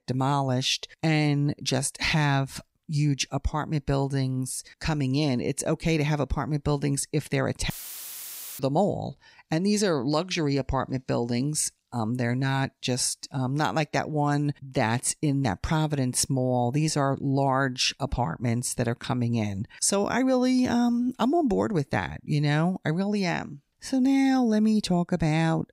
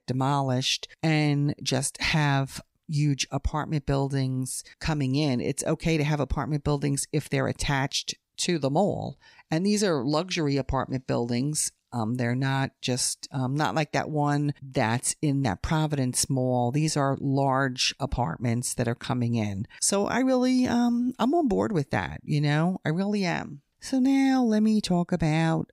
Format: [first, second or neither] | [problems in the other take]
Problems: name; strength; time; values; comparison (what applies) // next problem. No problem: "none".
second | audio cutting out; filled with static; at 7.5 s for 1 s